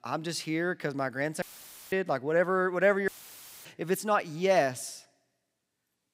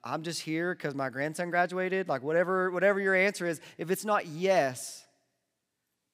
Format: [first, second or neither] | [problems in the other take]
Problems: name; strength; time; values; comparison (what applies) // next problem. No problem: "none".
second | audio cutting out; filled with static; at 1.5 s for 0.5 s and at 3 s for 0.5 s